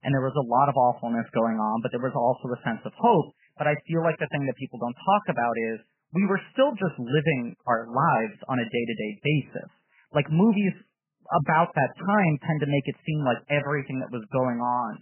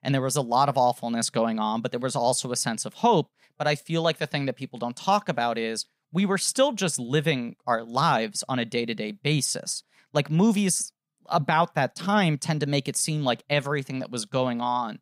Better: second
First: garbled, watery; badly; nothing above 3 kHz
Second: none

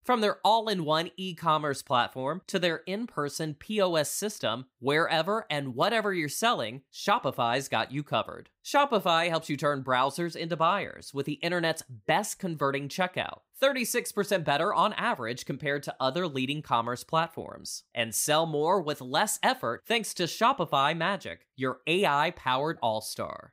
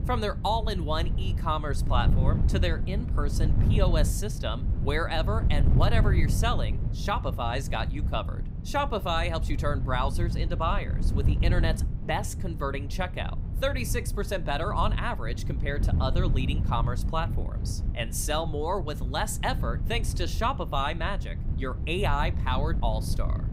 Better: first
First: none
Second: wind noise on the microphone; occasional gusts; 10 dB below the speech

